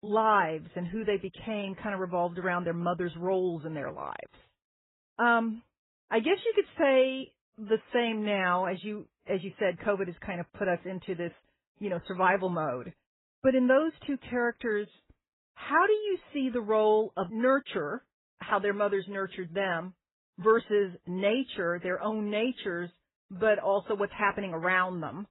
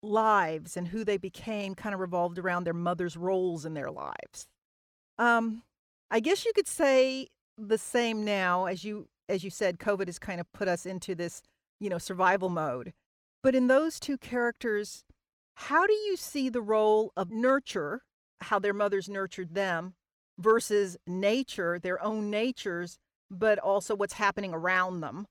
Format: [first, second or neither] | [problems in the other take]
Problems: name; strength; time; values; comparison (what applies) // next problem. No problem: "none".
second | garbled, watery; badly; nothing above 4 kHz